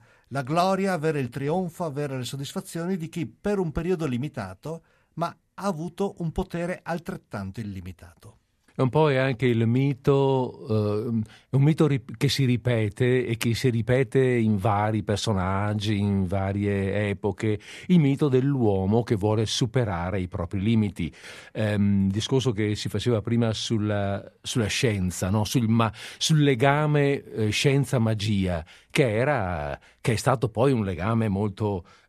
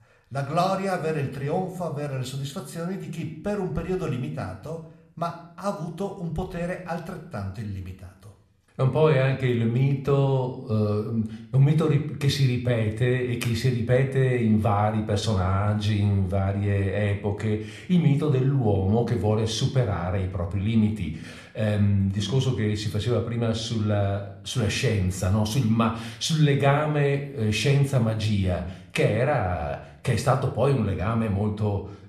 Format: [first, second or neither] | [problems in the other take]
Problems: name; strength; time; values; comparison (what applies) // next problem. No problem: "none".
first | room echo; slight; dies away in 0.5 s